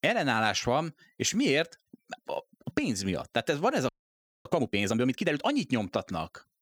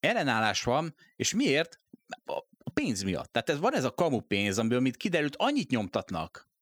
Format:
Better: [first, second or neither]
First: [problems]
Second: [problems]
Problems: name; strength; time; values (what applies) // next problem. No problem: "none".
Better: second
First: audio freezing; at 4 s for 0.5 s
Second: none